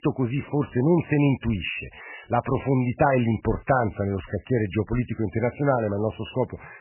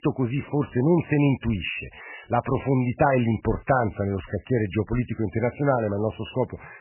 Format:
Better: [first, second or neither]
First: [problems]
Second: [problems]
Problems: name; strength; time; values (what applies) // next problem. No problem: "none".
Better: neither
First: garbled, watery; badly; nothing above 3 kHz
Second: garbled, watery; badly; nothing above 3 kHz